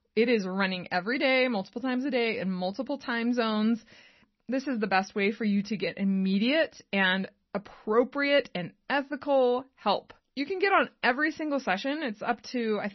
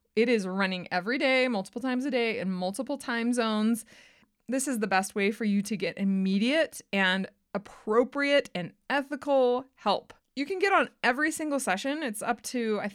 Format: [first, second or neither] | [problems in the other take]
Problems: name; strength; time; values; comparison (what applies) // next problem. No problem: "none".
second | garbled, watery; slightly; nothing above 6 kHz